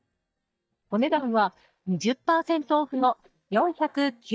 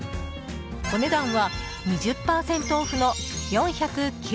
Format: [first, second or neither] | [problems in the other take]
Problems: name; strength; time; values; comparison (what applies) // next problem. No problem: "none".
second | noise reduction (neural mask model DeepFilterNet 3)